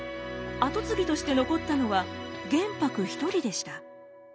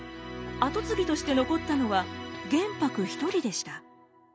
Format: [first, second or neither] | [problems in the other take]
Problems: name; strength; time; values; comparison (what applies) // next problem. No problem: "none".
second | background sound (Wind instrument, woodwind instrument); 15 dB below the speech